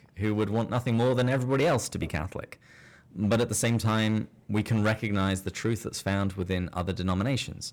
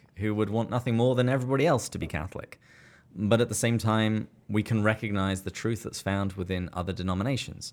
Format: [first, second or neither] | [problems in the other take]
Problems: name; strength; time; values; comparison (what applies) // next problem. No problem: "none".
second | distortion; slight; 6% of the sound clipped